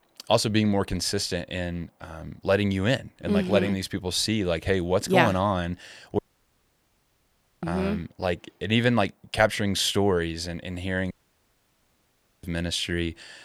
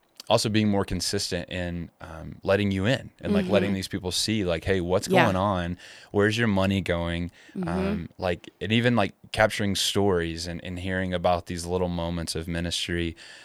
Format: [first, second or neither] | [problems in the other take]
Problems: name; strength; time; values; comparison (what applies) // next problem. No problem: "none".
second | audio cutting out; at 6 s for 1.5 s and at 11 s for 1.5 s